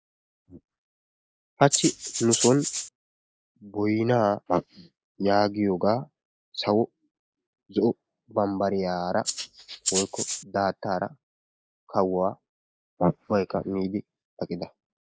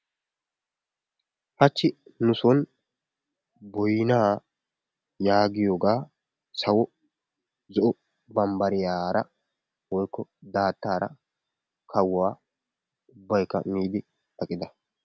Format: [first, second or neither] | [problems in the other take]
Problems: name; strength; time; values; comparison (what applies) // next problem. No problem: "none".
second | noise reduction (neural mask model Resemble Enhance denoiser)